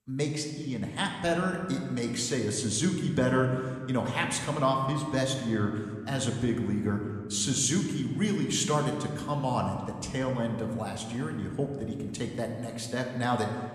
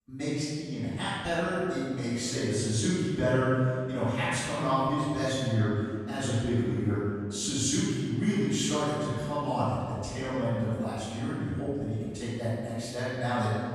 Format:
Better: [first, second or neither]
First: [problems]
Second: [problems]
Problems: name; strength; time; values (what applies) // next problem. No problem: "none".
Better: first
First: room echo; slight; dies away in 1.6 s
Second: room echo; strong; dies away in 1.8 s // off-mic speech; far